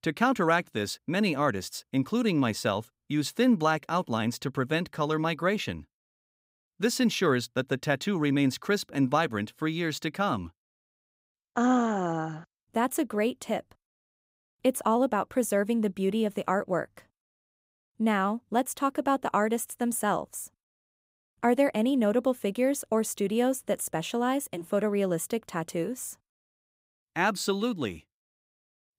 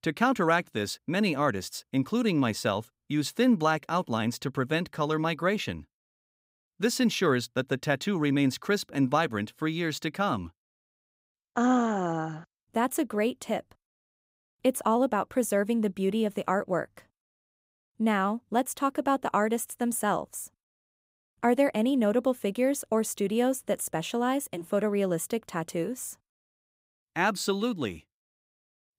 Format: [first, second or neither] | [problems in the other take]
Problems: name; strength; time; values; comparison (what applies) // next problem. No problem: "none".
neither | none